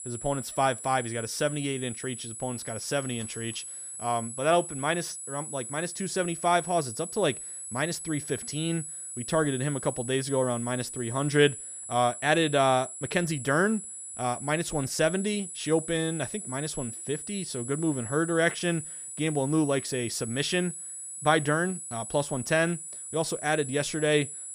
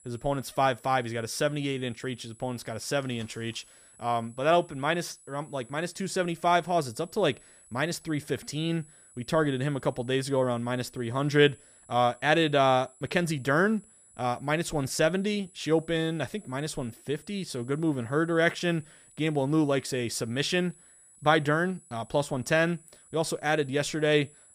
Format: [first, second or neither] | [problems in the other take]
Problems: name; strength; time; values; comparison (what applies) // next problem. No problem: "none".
second | high-pitched whine; loud; throughout; 10.5 kHz, 8 dB below the speech; faint in the second